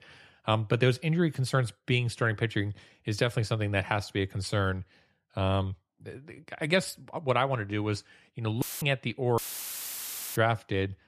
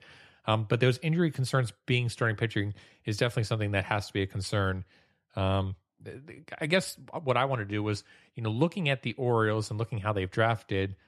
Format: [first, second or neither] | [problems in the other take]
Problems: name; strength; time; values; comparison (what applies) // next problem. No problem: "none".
second | audio cutting out; filled with static; at 8.5 s and at 9.5 s for 1 s